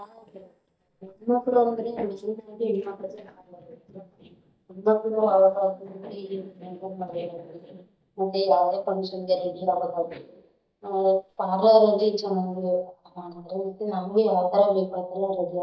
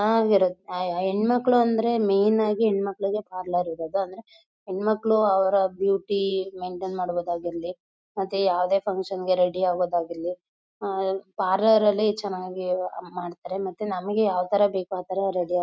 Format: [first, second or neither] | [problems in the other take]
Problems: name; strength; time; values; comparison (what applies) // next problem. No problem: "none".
second | noise reduction (neural mask model DeepFilterNet 3)